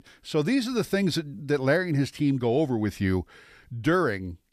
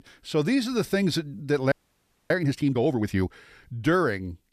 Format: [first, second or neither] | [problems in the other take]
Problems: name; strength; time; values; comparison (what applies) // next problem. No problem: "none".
first | audio freezing; at 1.5 s for 0.5 s